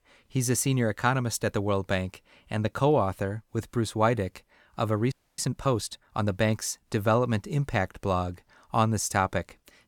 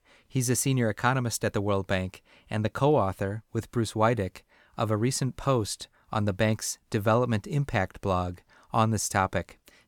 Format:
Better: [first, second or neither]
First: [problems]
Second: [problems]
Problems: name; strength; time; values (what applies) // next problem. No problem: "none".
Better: second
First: audio freezing; at 5 s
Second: none